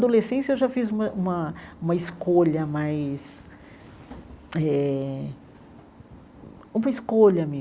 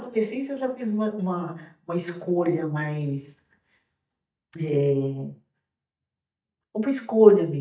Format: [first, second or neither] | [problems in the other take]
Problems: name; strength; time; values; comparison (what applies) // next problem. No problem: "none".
first | noise reduction (neural mask model DeepFilterNet 3)